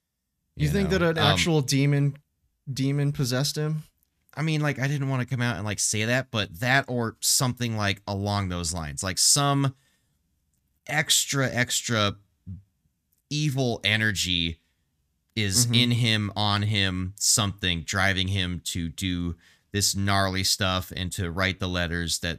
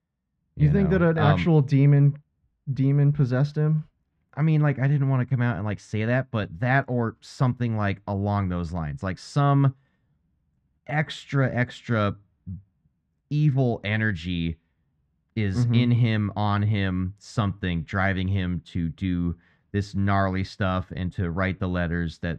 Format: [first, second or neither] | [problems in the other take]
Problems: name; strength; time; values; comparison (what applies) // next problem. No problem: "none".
first | muffled; very; fading above 1.5 kHz